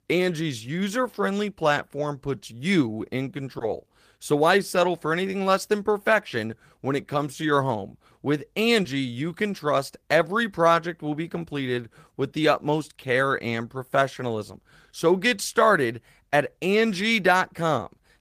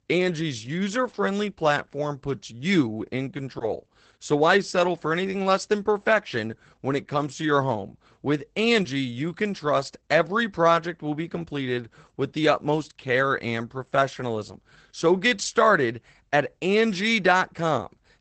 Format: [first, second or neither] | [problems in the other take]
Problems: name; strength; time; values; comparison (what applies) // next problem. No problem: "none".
first | garbled, watery; badly; nothing above 8 kHz; slightly in the first